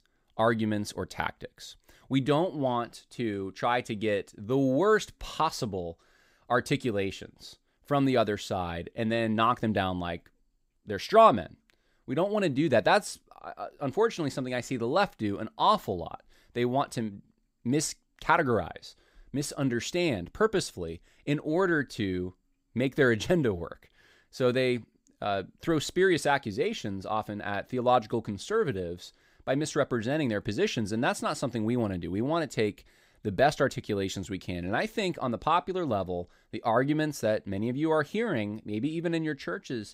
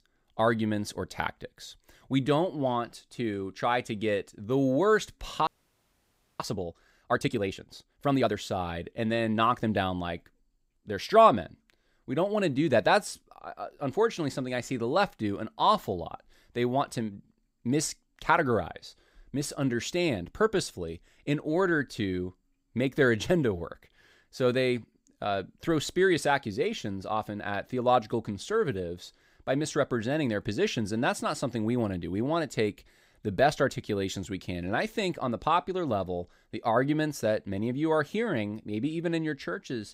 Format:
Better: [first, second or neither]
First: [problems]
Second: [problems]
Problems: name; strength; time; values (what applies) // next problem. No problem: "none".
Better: first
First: none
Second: audio freezing; at 5.5 s for 1 s